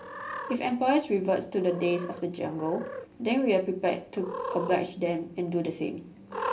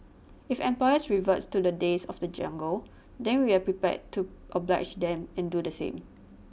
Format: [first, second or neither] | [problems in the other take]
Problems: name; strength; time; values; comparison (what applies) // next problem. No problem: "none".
second | background sound (Cat); 11 dB below the speech // room echo; dies away in 0.3 s